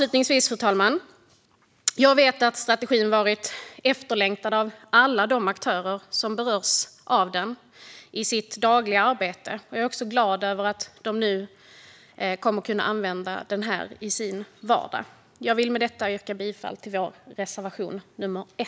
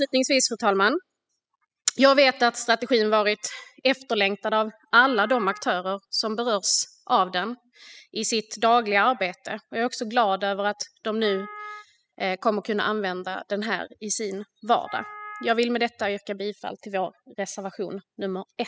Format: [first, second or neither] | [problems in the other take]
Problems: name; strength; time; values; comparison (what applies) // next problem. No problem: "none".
first | noise reduction (classical method spectral subtraction)